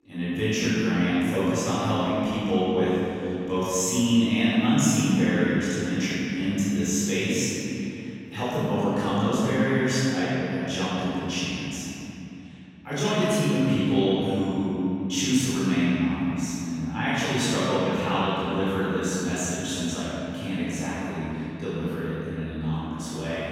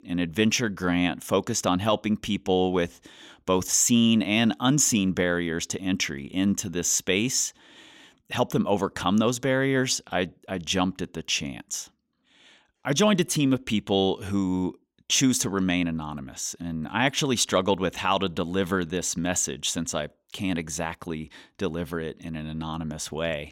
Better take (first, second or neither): second